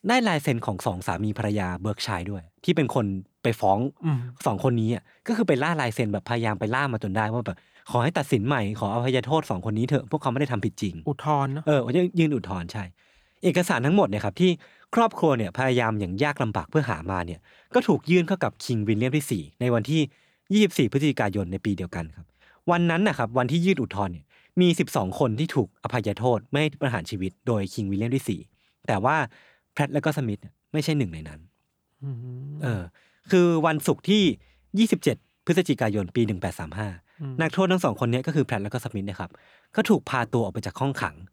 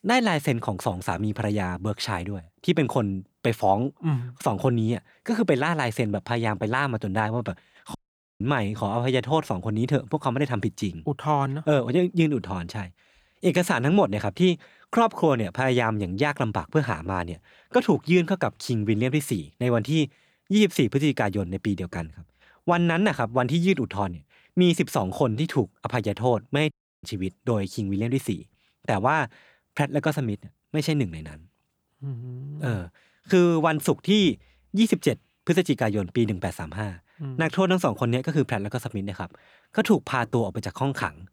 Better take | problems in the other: first | audio cutting out; at 8 s and at 27 s

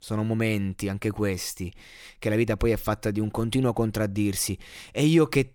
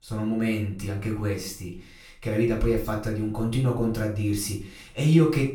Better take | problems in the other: first | off-mic speech; far // room echo; slight; dies away in 0.4 s

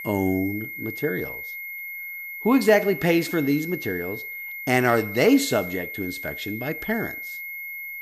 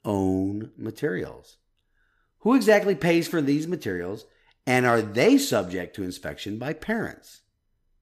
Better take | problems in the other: second | high-pitched whine; loud; throughout; 2 kHz, 9 dB below the speech

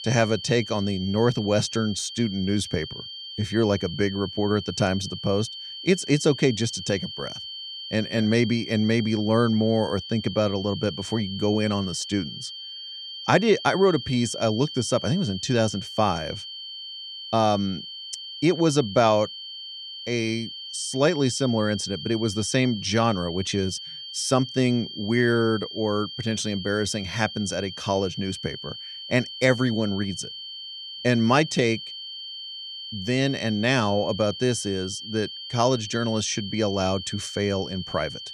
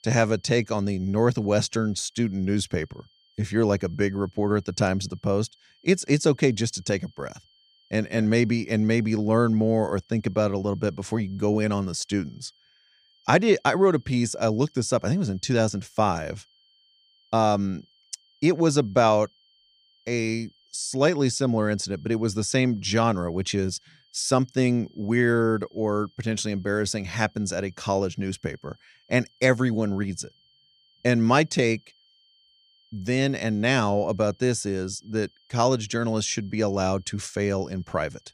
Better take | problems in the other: second | high-pitched whine; loud; throughout; 3 kHz, 10 dB below the speech; faint in the second

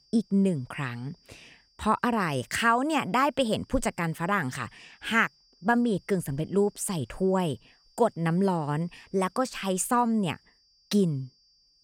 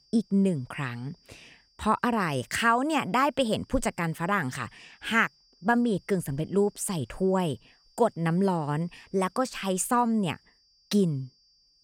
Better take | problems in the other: neither | high-pitched whine; faint; throughout; 5 kHz, 35 dB below the speech; the same in both

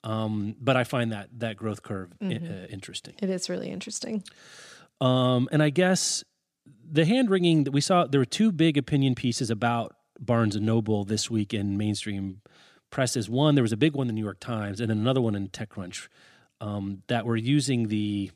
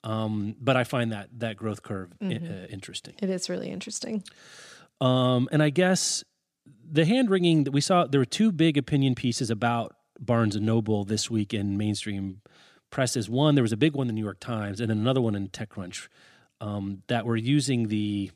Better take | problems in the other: neither | none

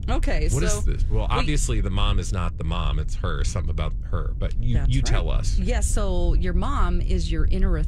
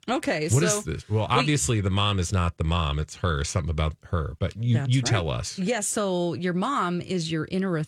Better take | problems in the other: second | wind noise on the microphone; occasional gusts; 15 dB below the speech

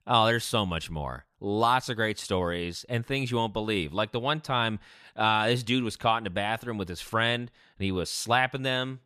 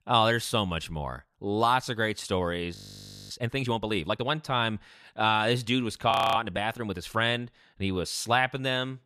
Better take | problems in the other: first | audio freezing; at 3 s for 0.5 s and at 6 s

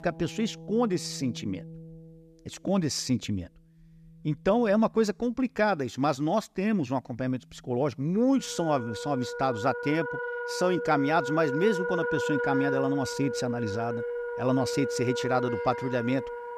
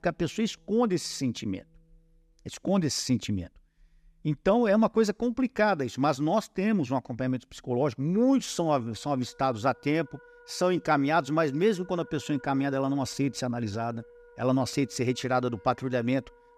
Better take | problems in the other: second | background music; loud; throughout; 5 dB below the speech; faint in the second

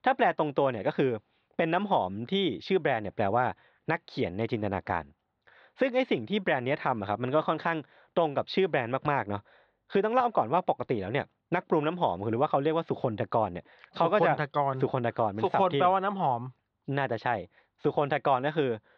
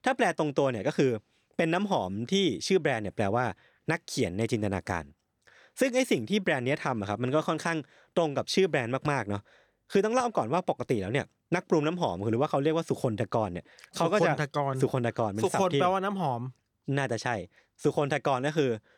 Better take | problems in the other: second | muffled; very; fading above 4 kHz

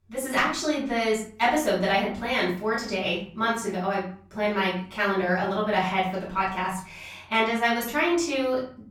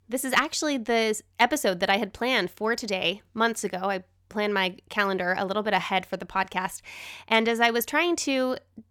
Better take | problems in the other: second | room echo; noticeable; dies away in 0.7 s // off-mic speech; far

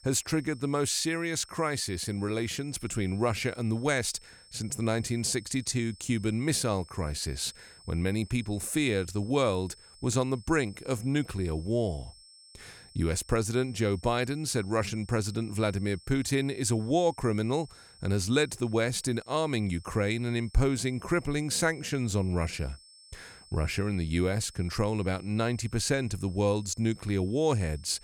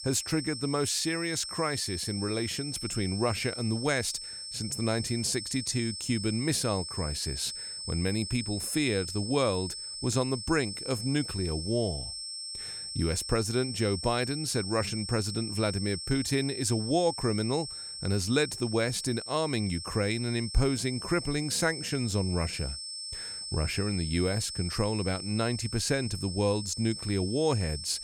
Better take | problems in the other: first | high-pitched whine; loud; throughout; 5.5 kHz, 6 dB below the speech; faint in the first

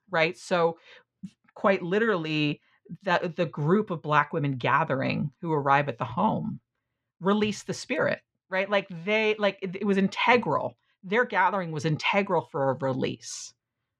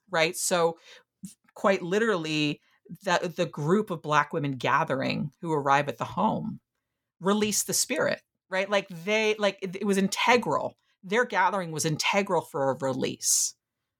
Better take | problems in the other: second | muffled; slightly; fading above 2.5 kHz

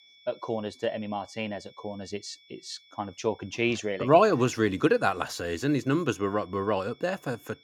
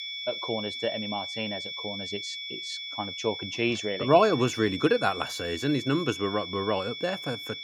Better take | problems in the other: first | high-pitched whine; loud; throughout; 3.5 kHz, 6 dB below the speech; faint in the first

